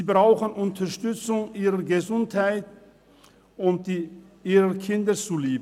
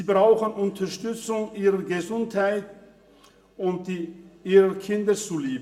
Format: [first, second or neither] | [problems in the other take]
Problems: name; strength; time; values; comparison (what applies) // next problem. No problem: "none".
first | room echo; dies away in 0.6 s